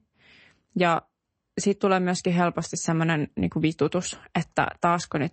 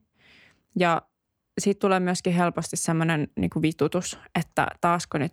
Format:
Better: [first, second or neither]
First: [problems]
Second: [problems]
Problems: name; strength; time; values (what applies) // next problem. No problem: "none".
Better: second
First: garbled, watery; slightly; nothing above 8 kHz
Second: none